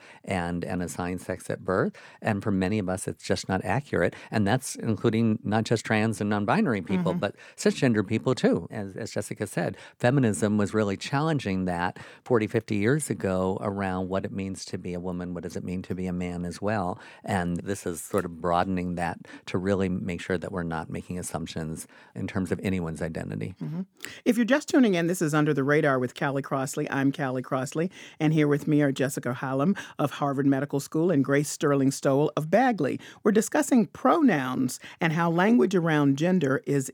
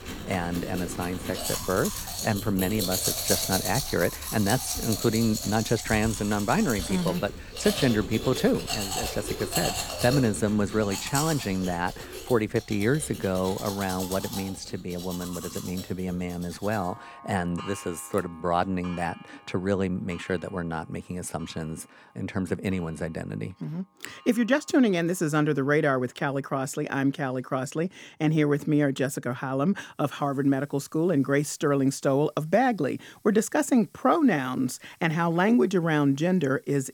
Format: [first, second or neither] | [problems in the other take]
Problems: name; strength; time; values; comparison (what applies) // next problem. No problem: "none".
first | household noises; loud; throughout; 6 dB below the speech